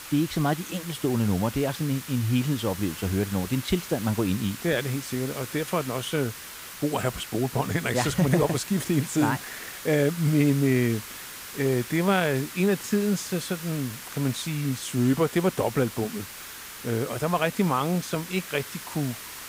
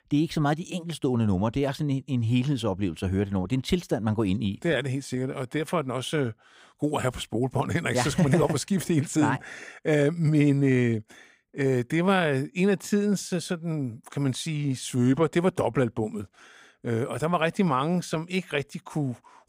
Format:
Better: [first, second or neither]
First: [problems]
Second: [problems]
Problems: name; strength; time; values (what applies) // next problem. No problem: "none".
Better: second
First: hiss; noticeable; throughout; 10 dB below the speech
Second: none